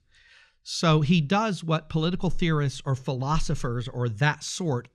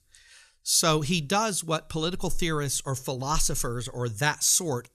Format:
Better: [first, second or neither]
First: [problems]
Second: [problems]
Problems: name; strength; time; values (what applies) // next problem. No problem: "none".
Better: second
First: muffled; slightly; fading above 3 kHz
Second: none